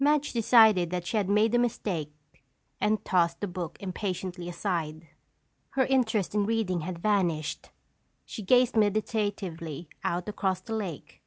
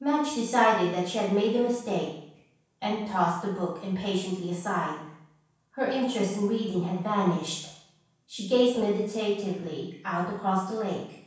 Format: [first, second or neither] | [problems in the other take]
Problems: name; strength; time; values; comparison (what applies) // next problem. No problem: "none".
first | room echo; dies away in 0.7 s